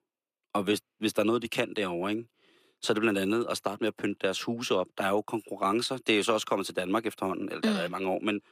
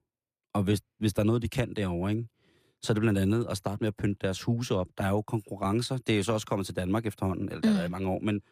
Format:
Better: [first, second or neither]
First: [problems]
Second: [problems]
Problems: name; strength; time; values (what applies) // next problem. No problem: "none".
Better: second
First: thin; somewhat; fading below 350 Hz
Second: none